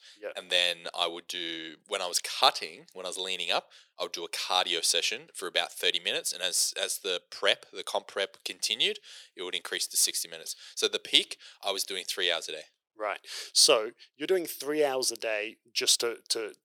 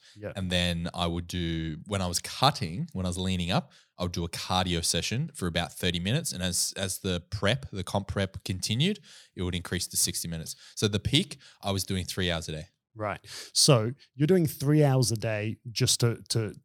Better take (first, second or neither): second